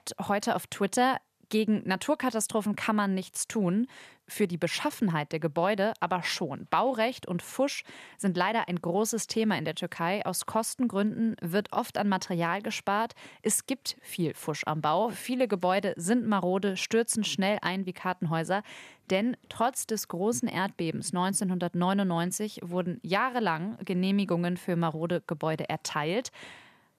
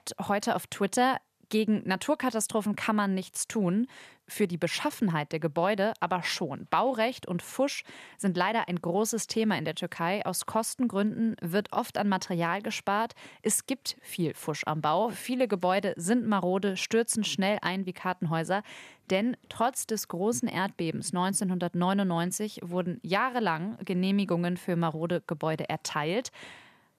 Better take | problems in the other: neither | none

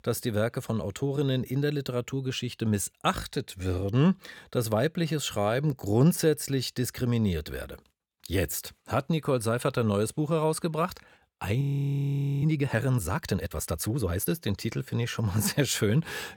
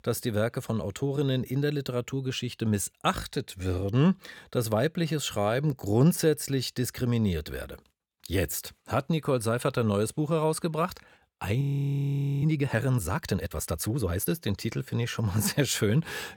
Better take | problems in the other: neither | audio freezing; at 12 s for 1 s; the same in both

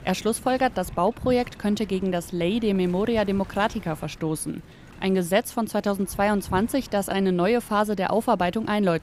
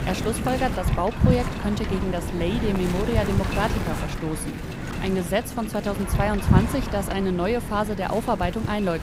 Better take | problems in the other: first | wind noise on the microphone; heavy; 5 dB below the speech; occasional gusts in the first

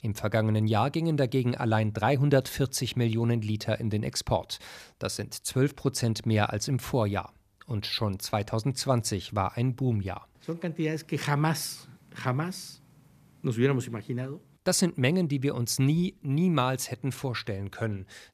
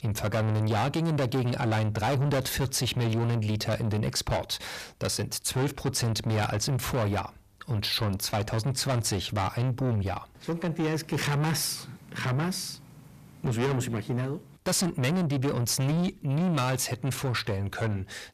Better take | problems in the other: first | distortion; heavy; 6 dB below the speech

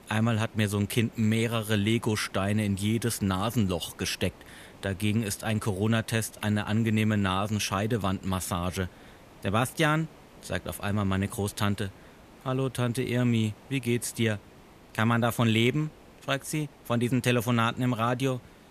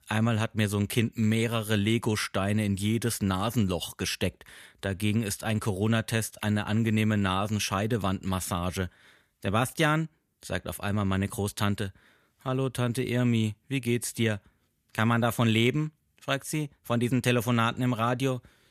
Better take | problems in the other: second | hiss; faint; throughout; 25 dB below the speech

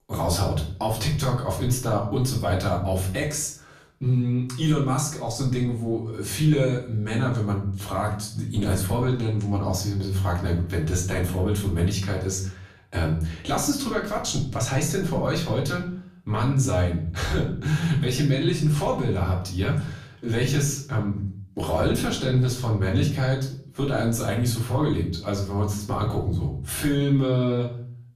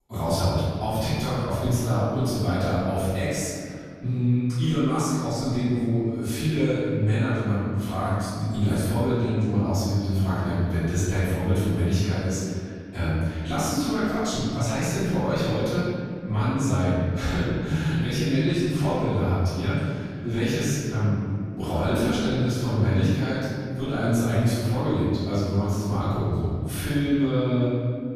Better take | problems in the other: first | room echo; strong; dies away in 2.2 s; slight in the first // off-mic speech; far; far in the first

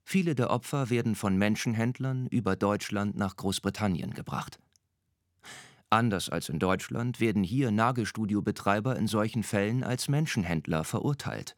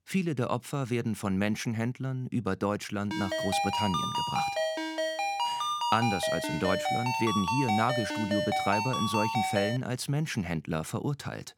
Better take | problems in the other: first | phone ringing; loud; from 3 to 10 s; peak 2 dB above the speech

